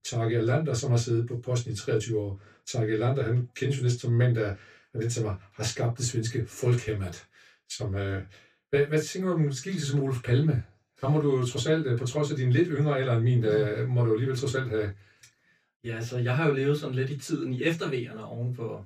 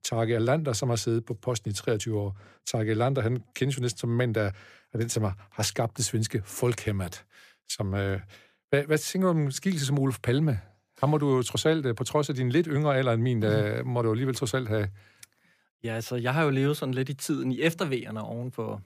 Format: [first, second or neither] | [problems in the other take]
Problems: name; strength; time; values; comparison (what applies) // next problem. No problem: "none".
second | room echo; very slight; dies away in 0.1 s // off-mic speech; far